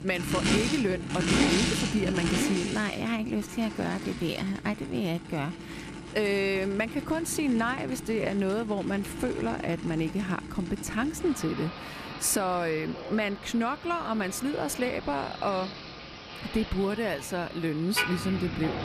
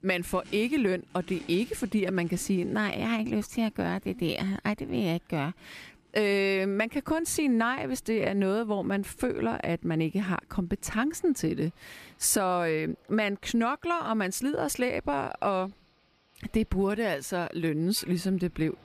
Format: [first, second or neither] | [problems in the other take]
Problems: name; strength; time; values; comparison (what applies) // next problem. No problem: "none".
second | traffic noise; loud; throughout; 4 dB below the speech; faint in the second